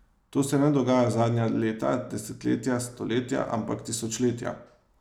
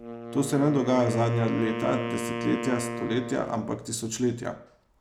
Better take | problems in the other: first | background sound (Wind instrument, woodwind instrument); 7 dB below the speech

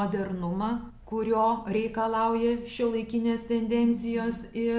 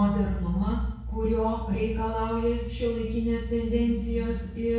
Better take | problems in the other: first | room echo; dies away in 0.6 s

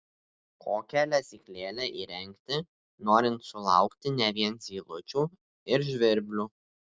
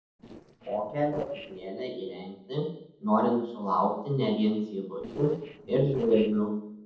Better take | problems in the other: first | noise reduction (neural separator model SepFormer DNS4)

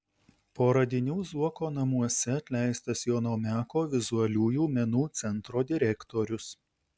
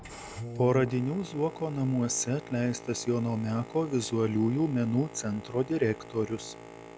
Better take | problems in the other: first | background sound (Boat, Water vehicle); 14 dB below the speech

